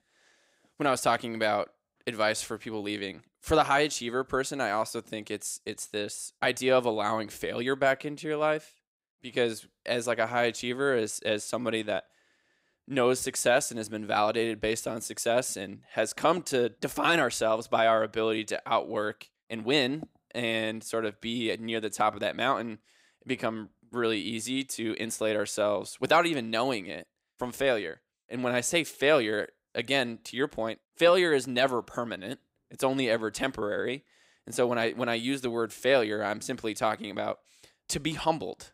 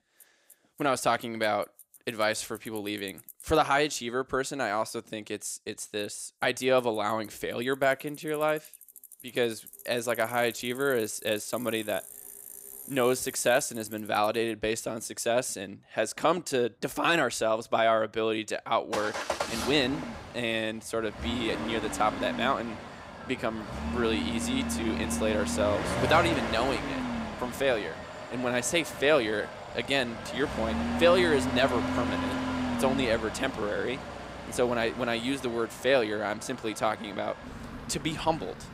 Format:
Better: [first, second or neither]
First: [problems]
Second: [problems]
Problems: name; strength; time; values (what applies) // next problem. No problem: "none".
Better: first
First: none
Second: traffic noise; loud; throughout; 7 dB below the speech